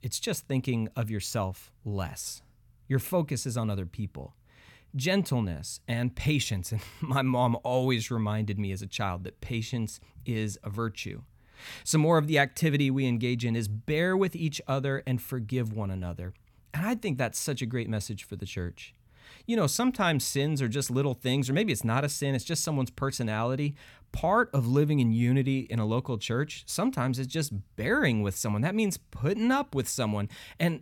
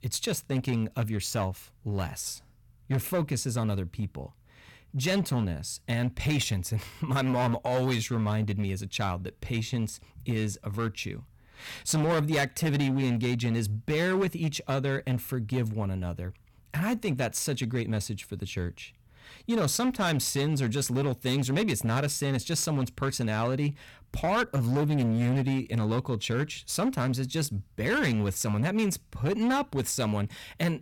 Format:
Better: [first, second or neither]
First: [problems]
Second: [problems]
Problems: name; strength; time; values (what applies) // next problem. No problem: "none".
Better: first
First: none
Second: distortion; slight; 10% of the sound clipped